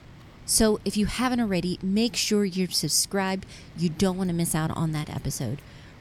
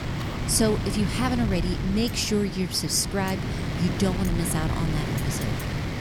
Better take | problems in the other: first | wind noise on the microphone; heavy; 5 dB below the speech; occasional gusts in the first

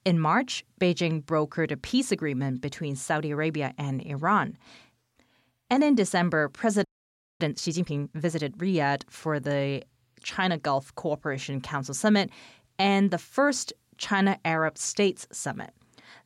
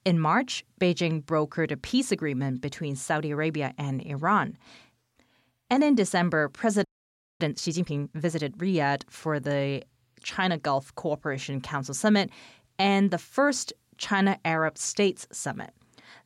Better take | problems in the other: neither | audio freezing; at 7 s for 0.5 s; the same in both

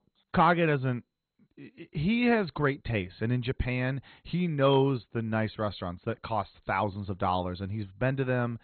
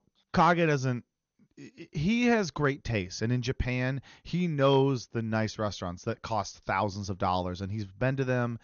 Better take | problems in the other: second | garbled, watery; badly; nothing above 4 kHz; slightly in the second

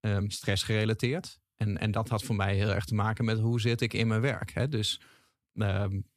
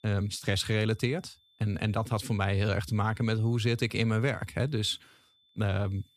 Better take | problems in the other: first | high-pitched whine; faint; throughout; 3.5 kHz, 35 dB below the speech

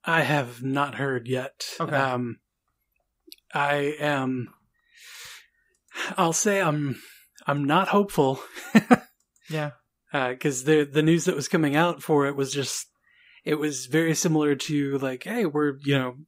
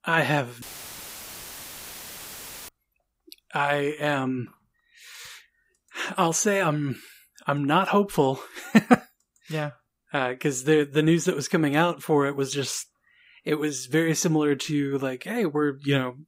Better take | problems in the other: first | audio cutting out; filled with static; at 0.5 s for 2 s

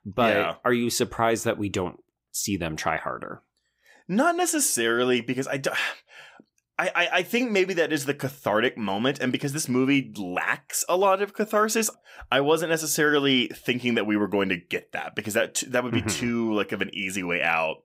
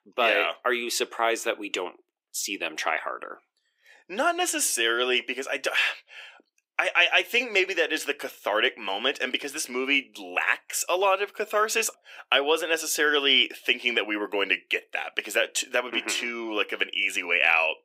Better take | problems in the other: first | thin; somewhat; fading below 350 Hz

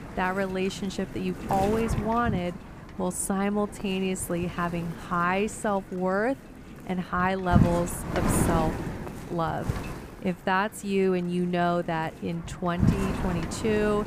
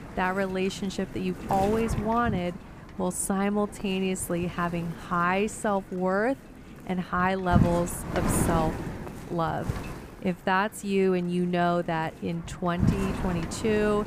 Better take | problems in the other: second | wind noise on the microphone; heavy; 8 dB below the speech; occasional gusts in the second

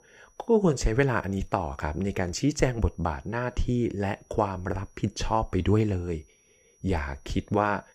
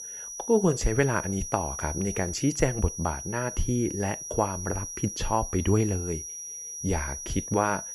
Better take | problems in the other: first | high-pitched whine; loud; throughout; 6 kHz, 7 dB below the speech; faint in the first

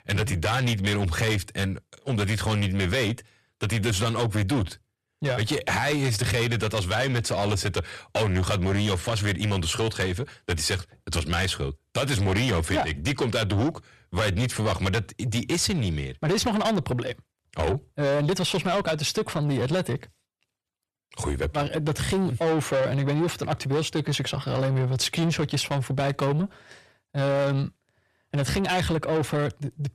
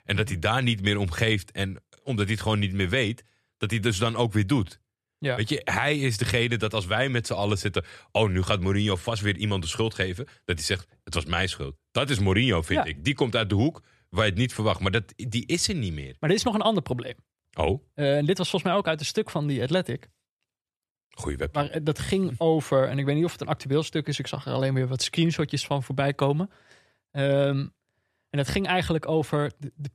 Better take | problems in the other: second | distortion; heavy; 7 dB below the speech

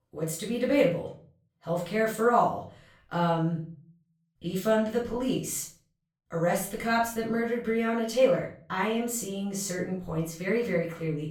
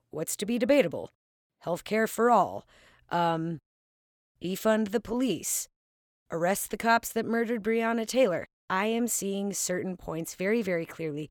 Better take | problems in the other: second | room echo; slight; dies away in 0.4 s // off-mic speech; far

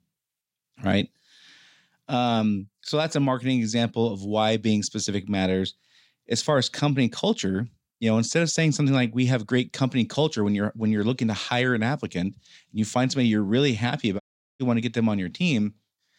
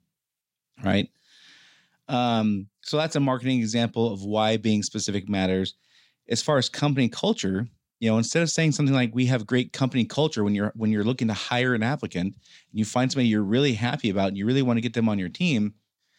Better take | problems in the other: second | audio cutting out; at 14 s

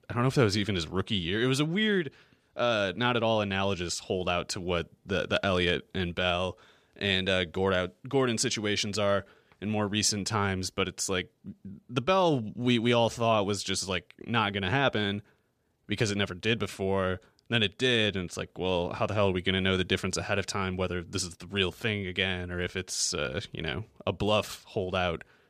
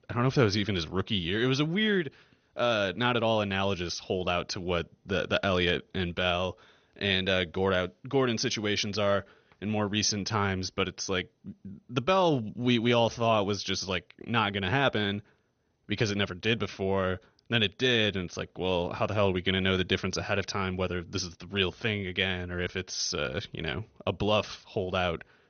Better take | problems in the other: first | garbled, watery; slightly; nothing above 6.5 kHz

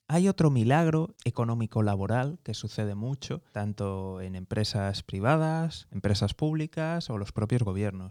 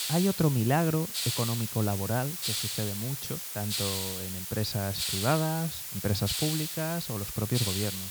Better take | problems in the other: first | hiss; loud; throughout; 1 dB below the speech

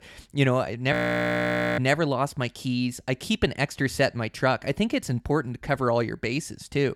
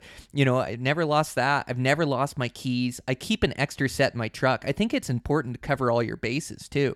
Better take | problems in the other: second | audio freezing; at 1 s for 1 s

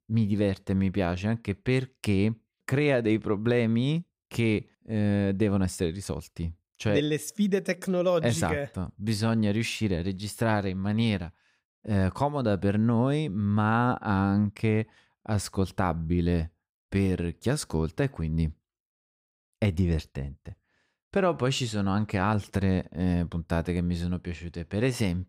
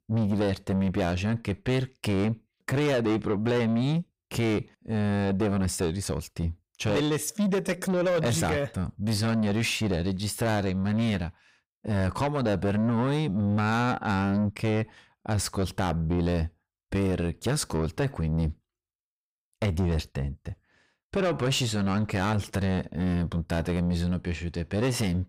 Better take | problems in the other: first | distortion; heavy; 7 dB below the speech

